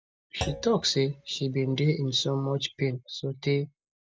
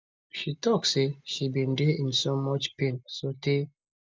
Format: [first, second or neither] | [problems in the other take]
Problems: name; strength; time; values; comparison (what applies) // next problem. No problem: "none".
second | background sound (Thump, thud); 14 dB below the speech